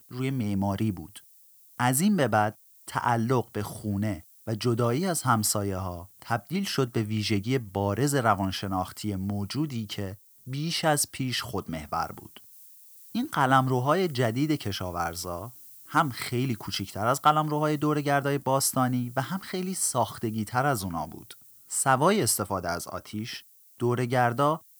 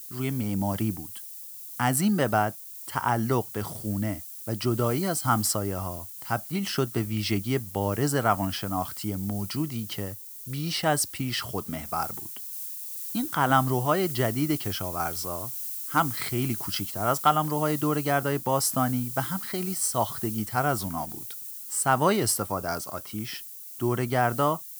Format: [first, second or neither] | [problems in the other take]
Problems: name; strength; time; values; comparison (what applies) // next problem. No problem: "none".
first | hiss; loud; throughout; 8 dB below the speech; faint in the first